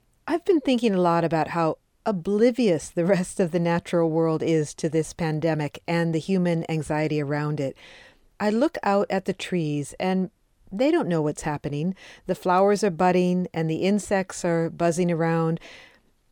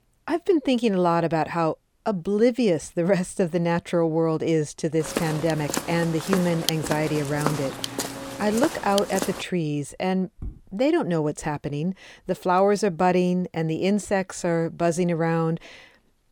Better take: first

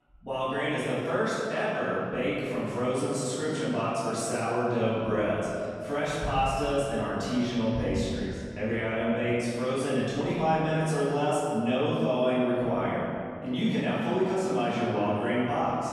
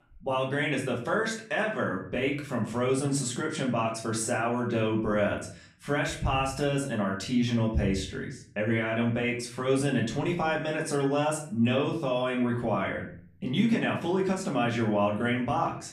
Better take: second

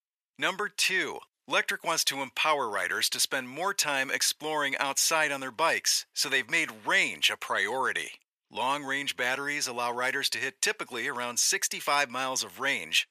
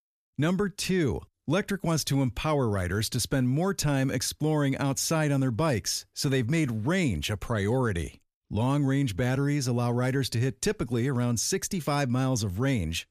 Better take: second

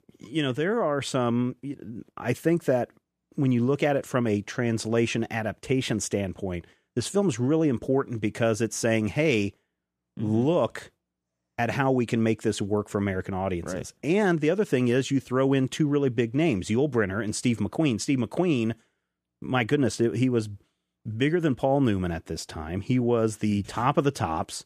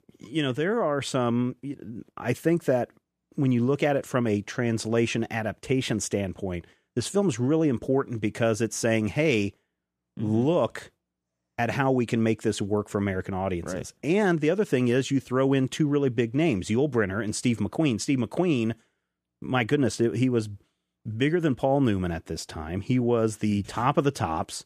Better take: neither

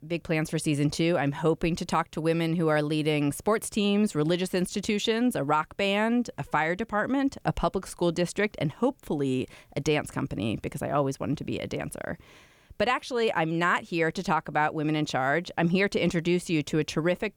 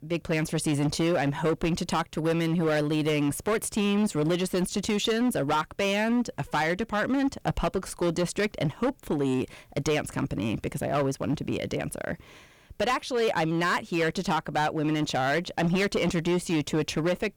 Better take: first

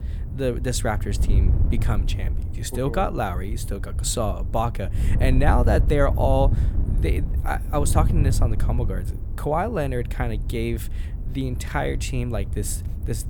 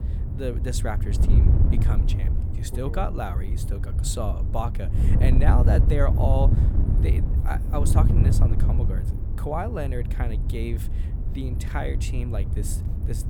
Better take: first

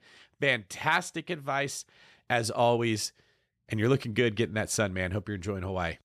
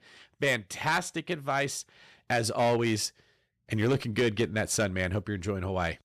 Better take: first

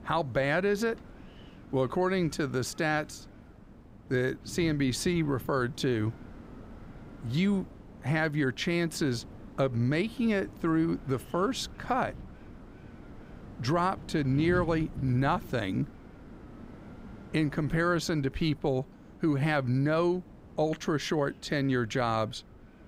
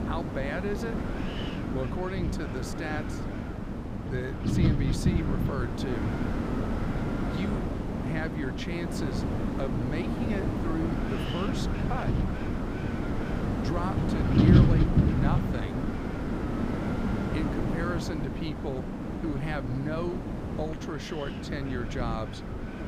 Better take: first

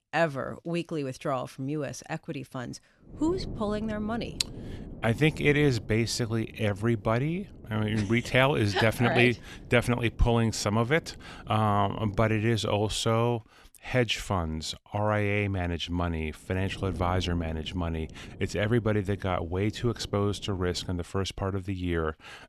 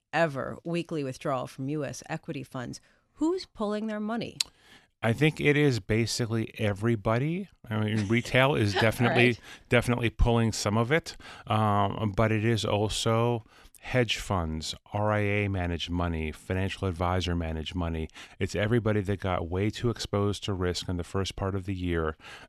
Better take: second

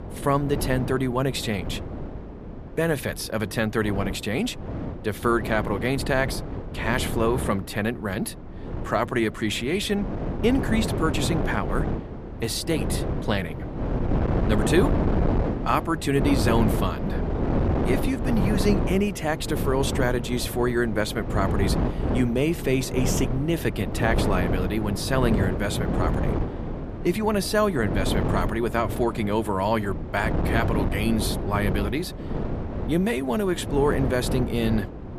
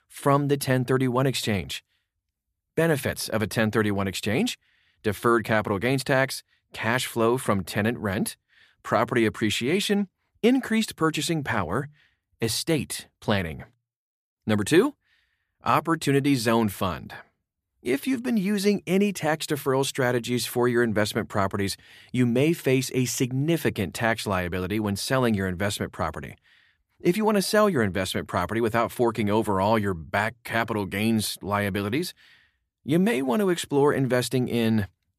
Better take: second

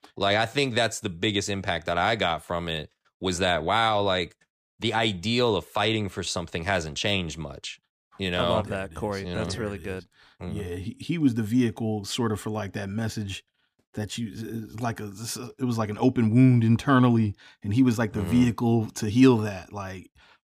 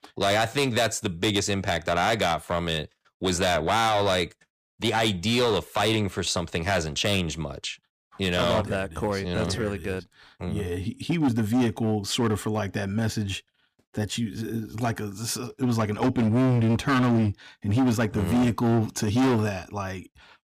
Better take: first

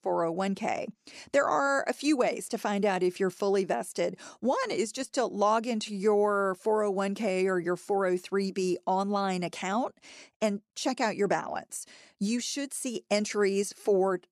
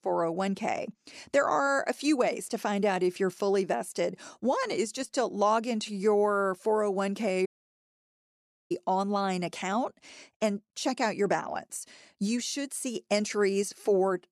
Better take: first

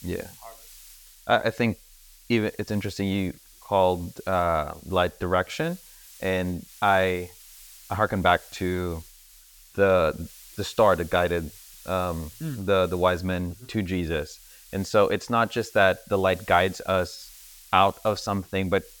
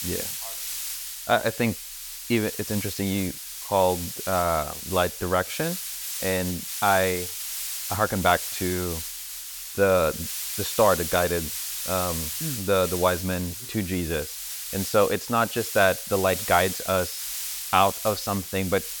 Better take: first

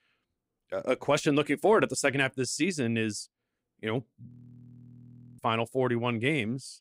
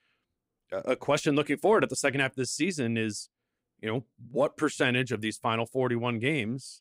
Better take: second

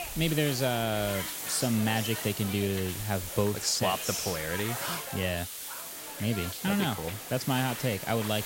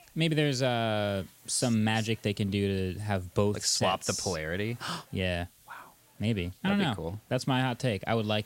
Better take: second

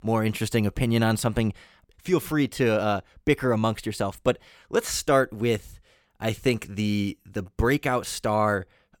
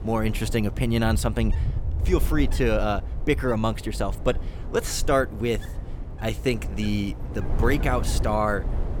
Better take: first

